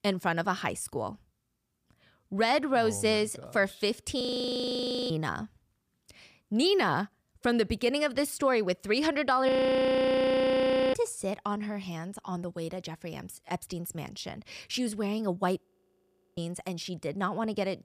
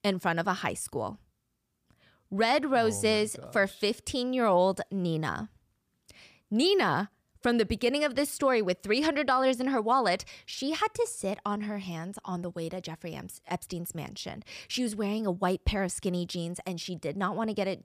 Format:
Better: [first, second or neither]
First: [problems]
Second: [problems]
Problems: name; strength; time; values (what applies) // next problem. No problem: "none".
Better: second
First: audio freezing; at 4 s for 1 s, at 9.5 s for 1.5 s and at 16 s for 0.5 s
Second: none